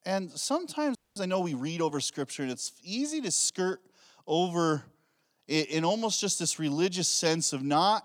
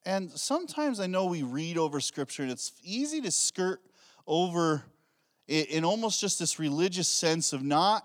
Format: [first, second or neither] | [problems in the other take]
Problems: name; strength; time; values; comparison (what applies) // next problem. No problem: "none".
second | audio freezing; at 1 s